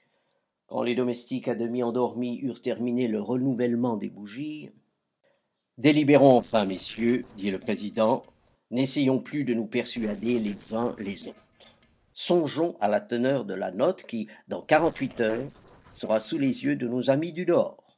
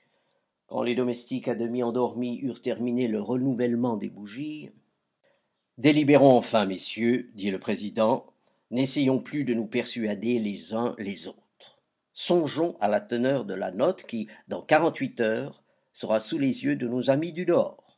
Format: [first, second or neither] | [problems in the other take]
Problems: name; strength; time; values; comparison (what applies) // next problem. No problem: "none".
second | noise reduction (neural separator model SepFormer DNS4)